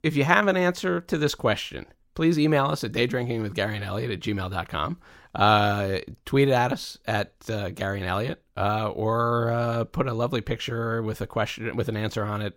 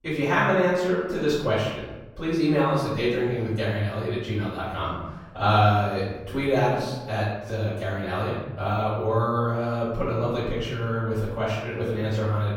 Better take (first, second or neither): first